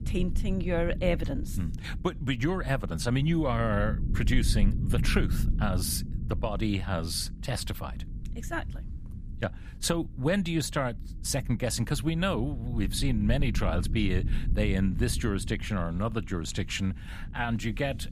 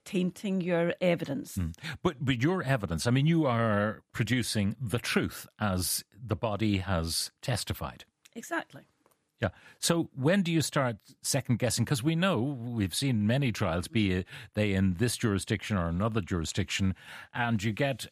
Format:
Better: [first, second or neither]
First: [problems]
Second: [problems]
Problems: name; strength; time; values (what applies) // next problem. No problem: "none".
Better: second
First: low rumble; noticeable; throughout; 15 dB below the speech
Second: none